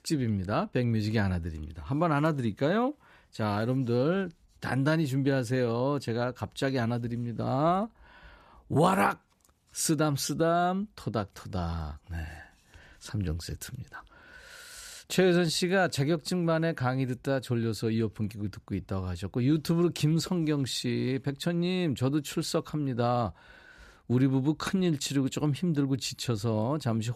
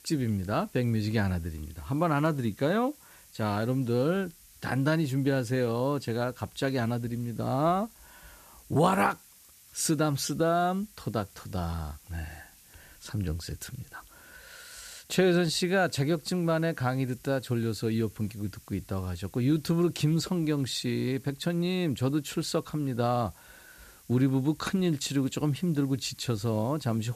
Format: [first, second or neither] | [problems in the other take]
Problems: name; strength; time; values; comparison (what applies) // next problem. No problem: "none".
first | hiss; faint; throughout; 25 dB below the speech